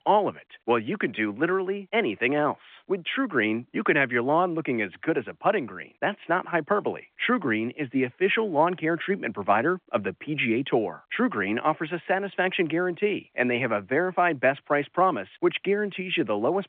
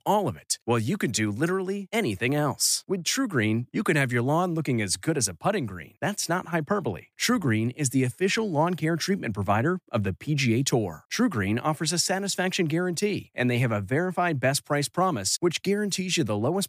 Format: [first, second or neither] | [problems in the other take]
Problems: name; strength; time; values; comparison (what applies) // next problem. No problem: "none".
second | phone-call audio; nothing above 3.5 kHz